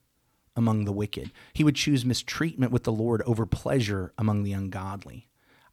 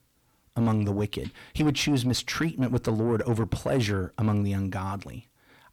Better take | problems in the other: first | distortion; slight; 10 dB below the speech

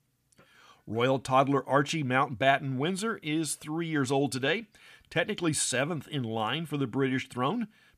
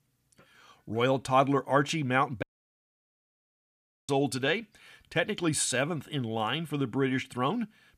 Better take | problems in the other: first | audio cutting out; at 2.5 s for 1.5 s

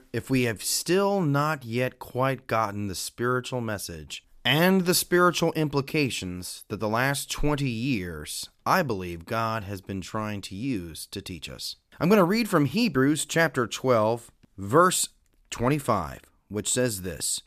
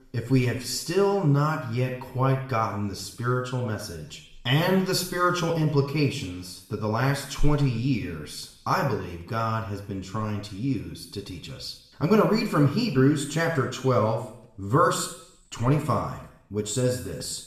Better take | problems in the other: first | room echo; noticeable; dies away in 0.7 s // off-mic speech; far

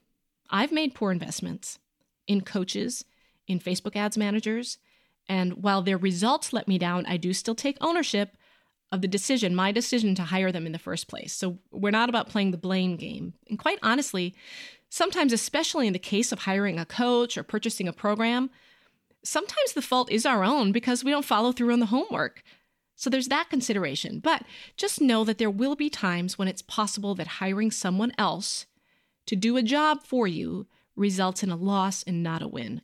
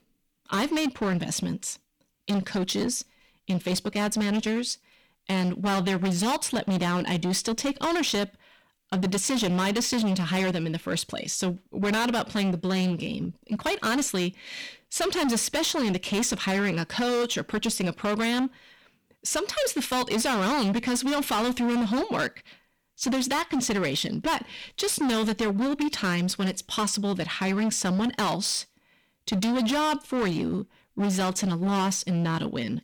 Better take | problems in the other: first | distortion; heavy; 22% of the sound clipped

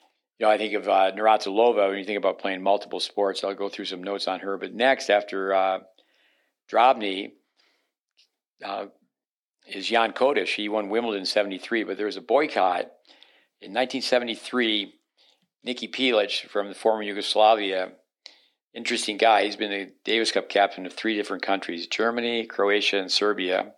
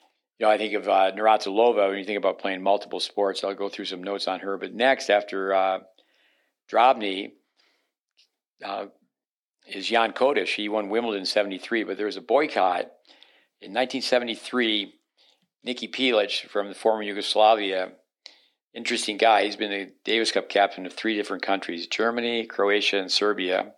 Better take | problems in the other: neither | thin; somewhat; fading below 250 Hz; the same in both

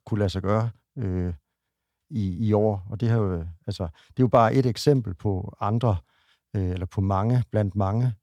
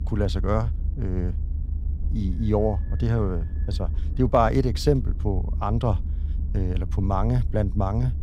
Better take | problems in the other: first | low rumble; noticeable; throughout; 20 dB below the speech

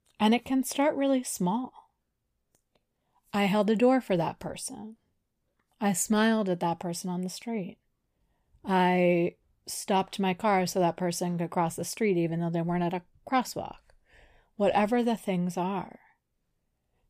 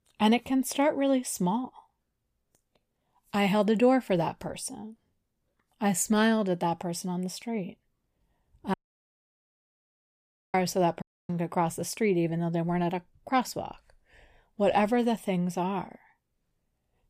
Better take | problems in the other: first | audio cutting out; at 8.5 s for 2 s and at 11 s

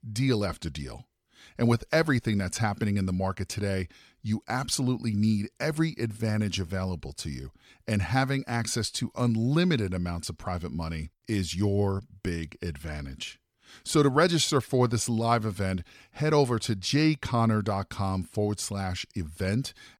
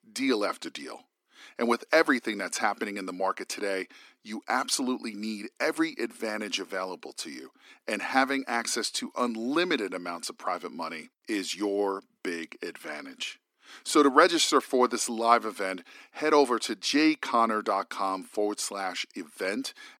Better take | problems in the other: first | thin; somewhat; fading below 250 Hz

